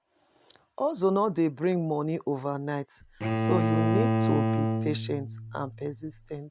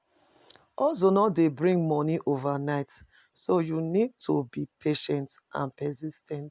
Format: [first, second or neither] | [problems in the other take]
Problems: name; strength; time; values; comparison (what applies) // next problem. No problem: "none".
second | background sound (Bowed string instrument); 2 dB above the speech